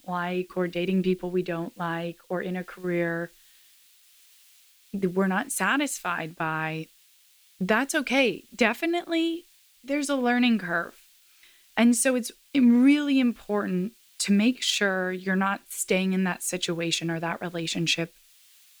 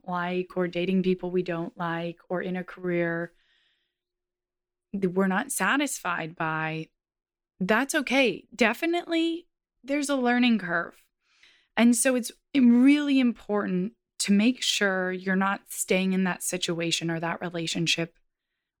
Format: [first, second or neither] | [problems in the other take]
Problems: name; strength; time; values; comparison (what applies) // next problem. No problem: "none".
second | hiss; faint; throughout; 30 dB below the speech